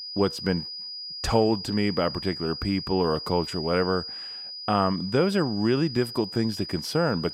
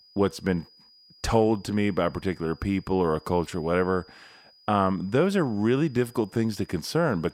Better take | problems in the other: second | high-pitched whine; loud; throughout; 5 kHz, 8 dB below the speech; faint in the second

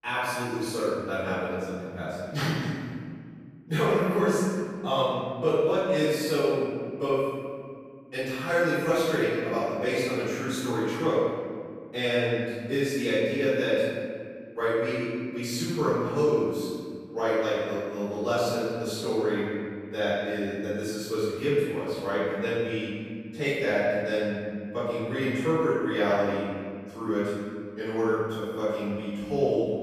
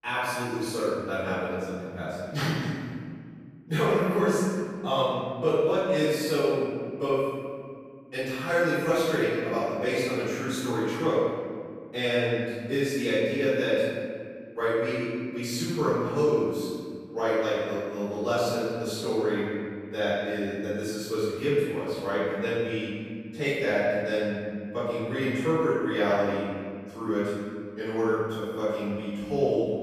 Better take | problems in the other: neither | room echo; strong; dies away in 2 s; the same in both // off-mic speech; far; the same in both

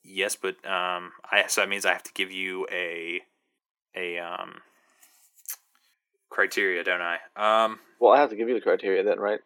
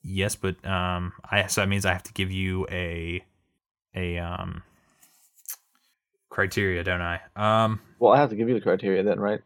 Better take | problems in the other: second | thin; somewhat; fading below 300 Hz

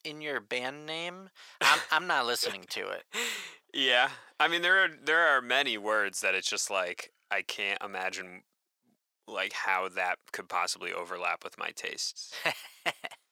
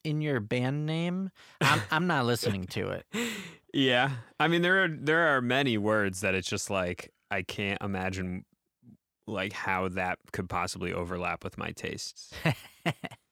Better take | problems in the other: second | thin; very; fading below 600 Hz

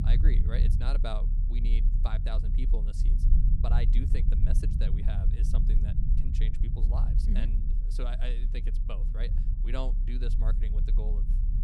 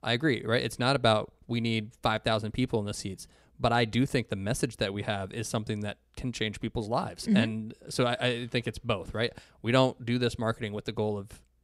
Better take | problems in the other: second | low rumble; loud; throughout; 4 dB below the speech

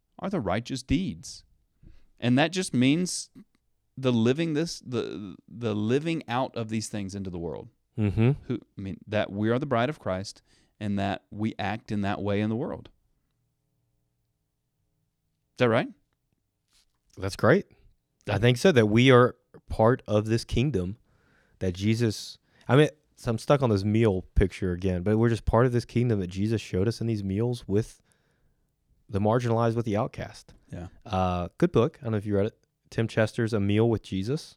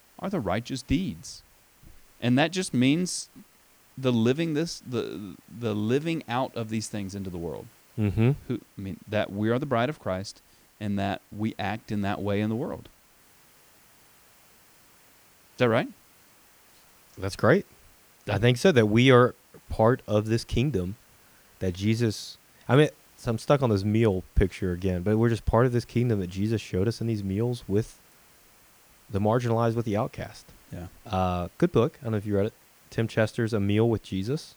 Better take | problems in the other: first | hiss; faint; throughout; 30 dB below the speech

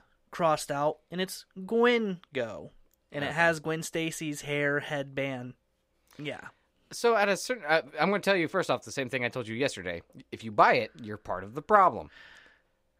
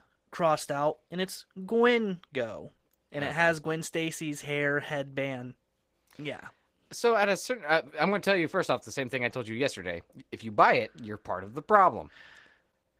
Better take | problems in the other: first | garbled, watery; slightly; nothing above 15.5 kHz

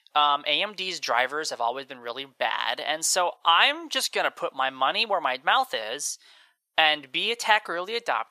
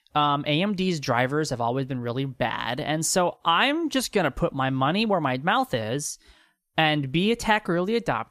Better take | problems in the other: second | thin; very; fading below 750 Hz

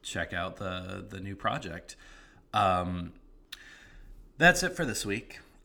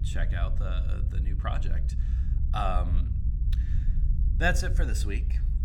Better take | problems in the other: first | low rumble; noticeable; throughout; 15 dB below the speech

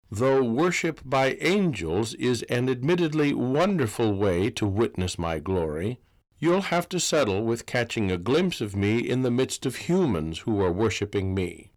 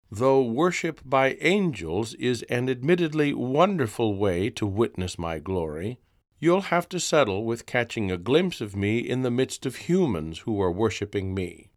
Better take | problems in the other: second | distortion; slight; 10 dB below the speech

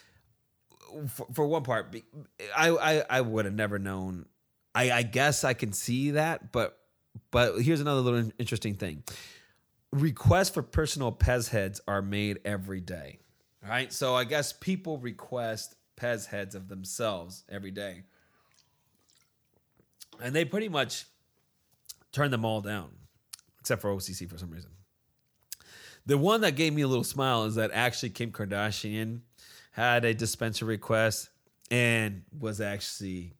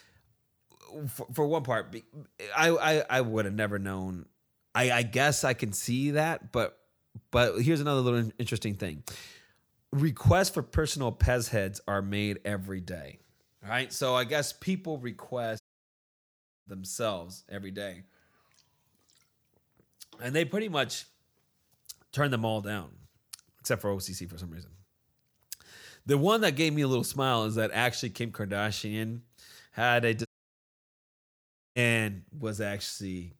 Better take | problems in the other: first | audio cutting out; at 16 s for 1 s and at 30 s for 1.5 s

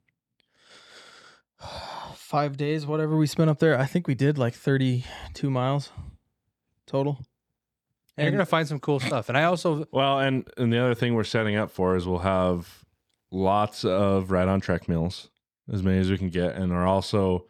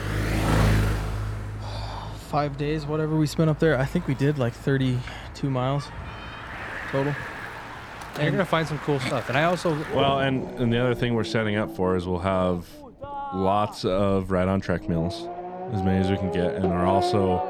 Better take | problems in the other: first | traffic noise; loud; throughout; 6 dB below the speech

